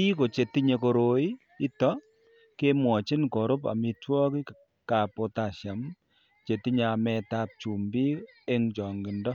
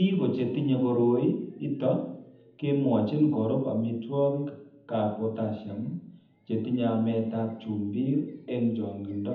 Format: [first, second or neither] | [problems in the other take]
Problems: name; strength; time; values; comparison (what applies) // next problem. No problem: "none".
first | room echo; dies away in 0.8 s